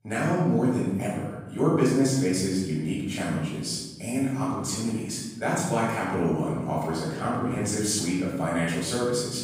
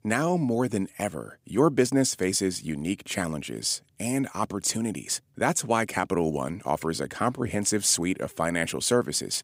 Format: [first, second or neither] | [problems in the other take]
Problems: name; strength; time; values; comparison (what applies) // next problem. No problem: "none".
second | off-mic speech; far // room echo; strong; dies away in 1.2 s